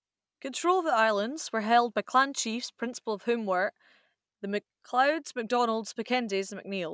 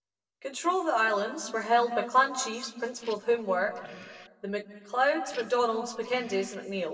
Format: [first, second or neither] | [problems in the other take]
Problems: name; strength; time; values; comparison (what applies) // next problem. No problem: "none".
first | noise reduction (neural separator model SepFormer DNS4)